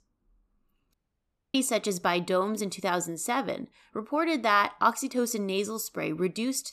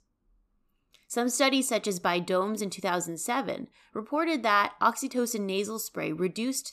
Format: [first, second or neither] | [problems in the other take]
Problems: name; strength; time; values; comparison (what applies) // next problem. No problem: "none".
second | audio cutting out; at 1 s for 0.5 s